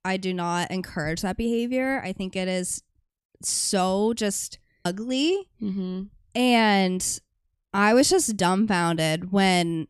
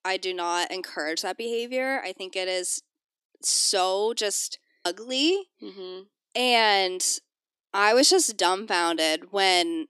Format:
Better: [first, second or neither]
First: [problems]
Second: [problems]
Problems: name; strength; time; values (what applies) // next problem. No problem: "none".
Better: first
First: none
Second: thin; somewhat; fading below 300 Hz